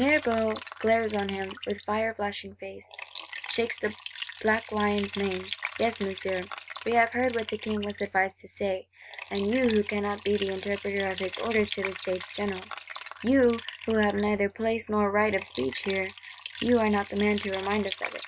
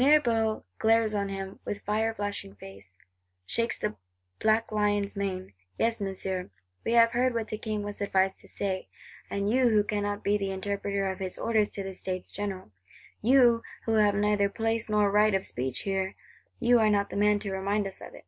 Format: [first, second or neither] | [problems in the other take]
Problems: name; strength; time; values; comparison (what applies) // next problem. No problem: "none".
second | background sound (Liquid); 13 dB below the speech